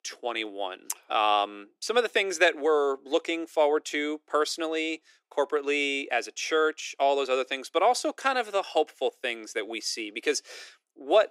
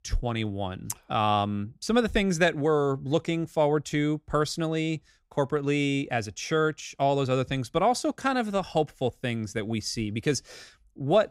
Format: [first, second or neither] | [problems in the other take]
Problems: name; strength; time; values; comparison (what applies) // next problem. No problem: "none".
second | thin; somewhat; fading below 350 Hz